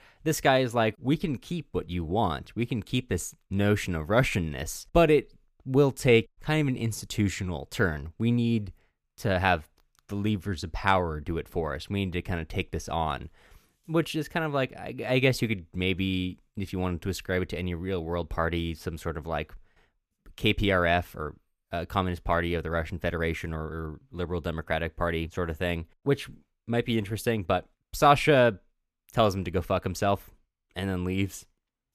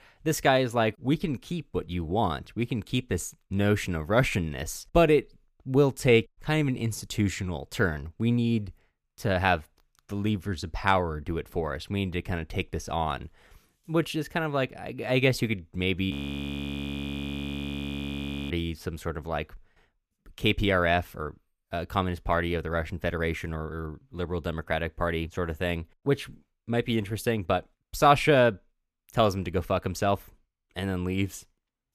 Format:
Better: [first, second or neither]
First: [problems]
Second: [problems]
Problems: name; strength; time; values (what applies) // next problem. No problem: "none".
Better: first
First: none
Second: audio freezing; at 16 s for 2.5 s